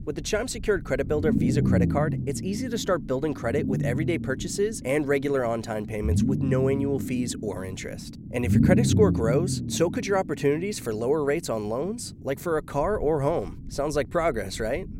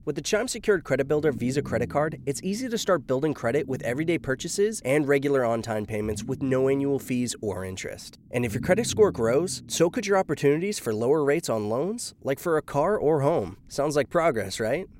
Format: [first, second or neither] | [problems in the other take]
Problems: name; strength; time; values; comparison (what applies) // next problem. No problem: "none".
second | low rumble; loud; throughout; 8 dB below the speech; faint in the second